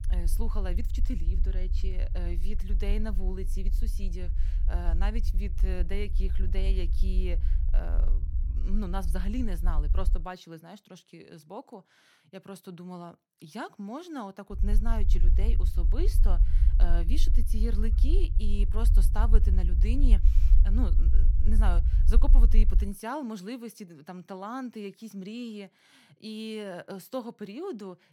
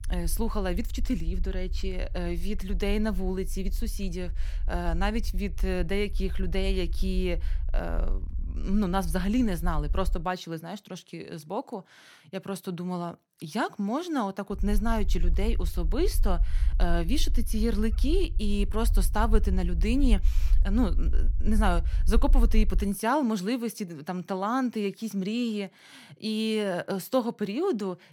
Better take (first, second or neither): second